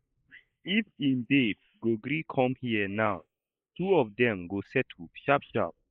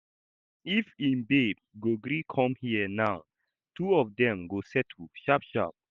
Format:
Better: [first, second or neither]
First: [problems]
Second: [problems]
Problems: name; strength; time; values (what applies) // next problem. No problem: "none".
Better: second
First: noise reduction (neural mask model Resemble Enhance denoiser)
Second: none